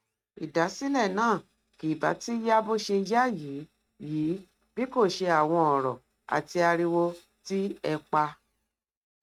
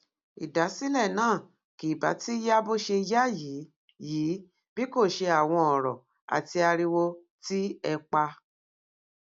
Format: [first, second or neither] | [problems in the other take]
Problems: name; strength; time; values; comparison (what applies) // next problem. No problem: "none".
second | noise reduction (neural mask model RNNoise)